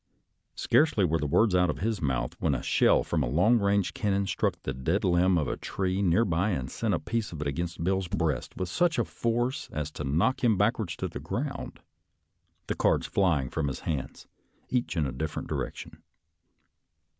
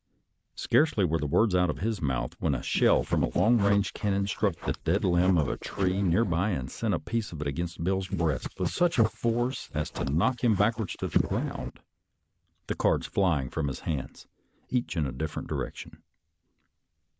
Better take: first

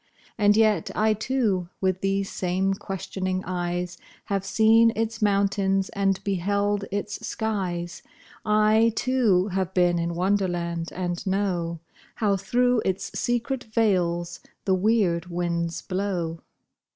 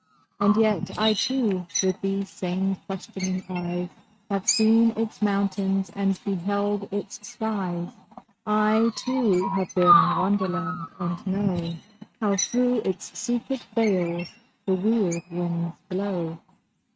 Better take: first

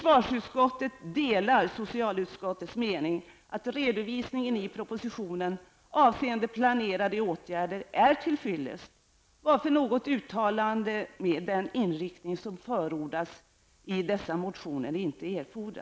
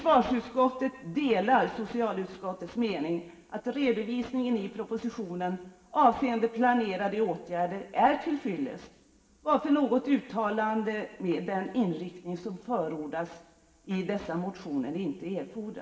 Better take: first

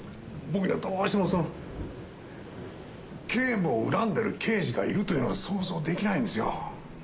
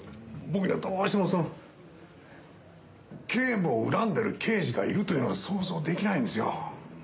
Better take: second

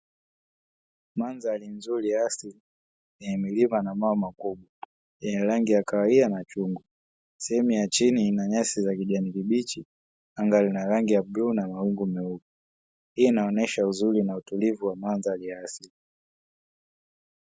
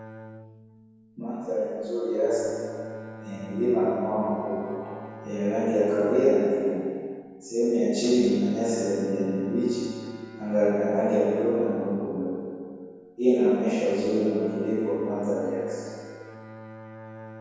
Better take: first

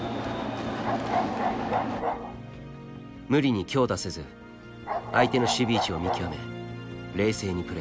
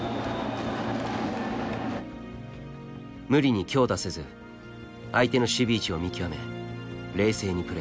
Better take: second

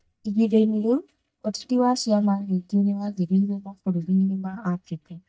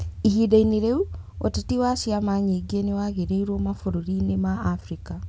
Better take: second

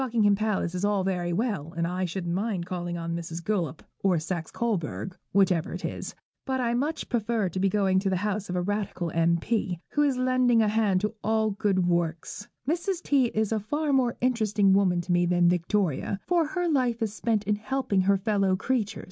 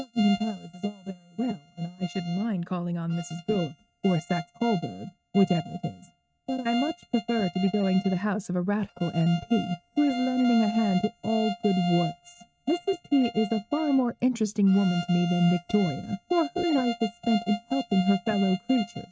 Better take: first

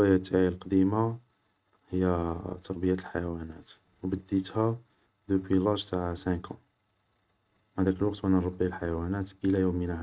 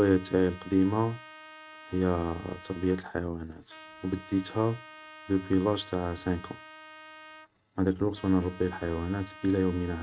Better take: first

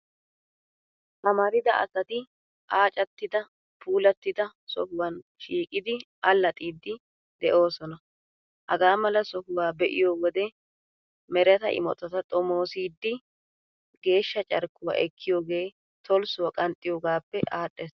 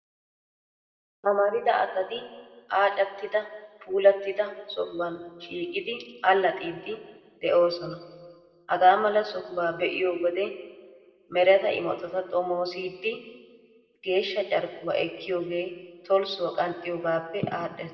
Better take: first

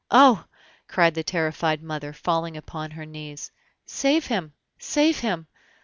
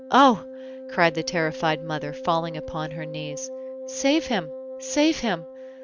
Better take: first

